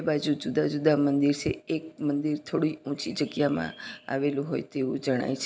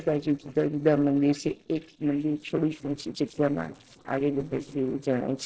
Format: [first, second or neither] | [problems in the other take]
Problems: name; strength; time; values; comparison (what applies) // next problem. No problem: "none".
first | noise reduction (neural separator model SepFormer DNS4)